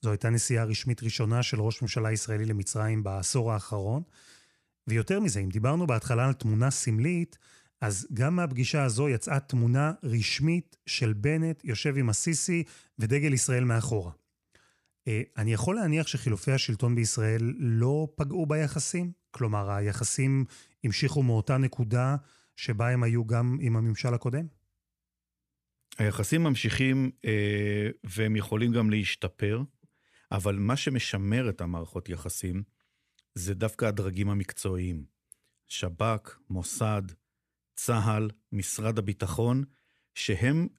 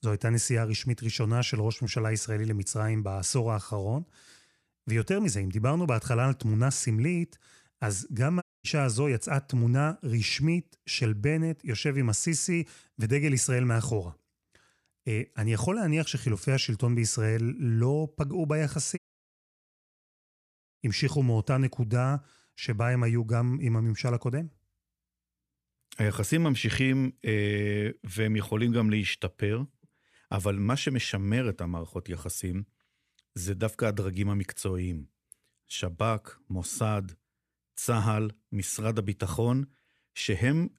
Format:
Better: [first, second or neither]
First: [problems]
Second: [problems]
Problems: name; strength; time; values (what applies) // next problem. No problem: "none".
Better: first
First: none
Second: audio cutting out; at 8.5 s and at 19 s for 2 s